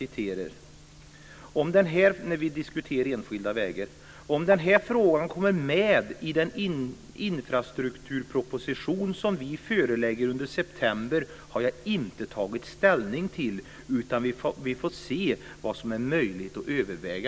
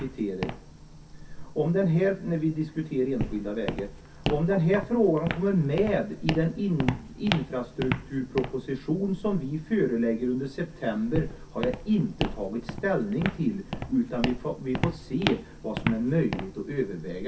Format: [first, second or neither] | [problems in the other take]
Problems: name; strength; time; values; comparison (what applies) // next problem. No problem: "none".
first | background sound (Walk, footsteps); 8 dB below the speech // room echo; dies away in 0.3 s